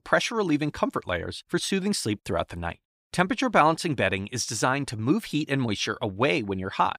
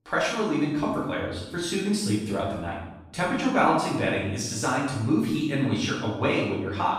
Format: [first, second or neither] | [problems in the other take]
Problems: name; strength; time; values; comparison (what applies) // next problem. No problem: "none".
first | room echo; strong; dies away in 0.9 s // off-mic speech; far